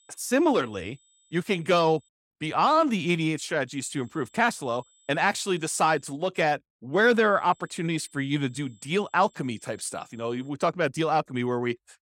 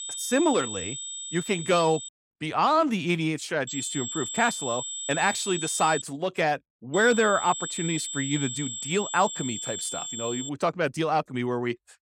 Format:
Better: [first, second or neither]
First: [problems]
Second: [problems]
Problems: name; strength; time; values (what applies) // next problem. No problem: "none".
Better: first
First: high-pitched whine; faint; until 2 s, from 3.5 to 6 s and from 7 to 10 s; 7.5 kHz, 35 dB below the speech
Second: high-pitched whine; loud; until 2 s, from 3.5 to 6 s and from 7 to 10 s; 7.5 kHz, 6 dB below the speech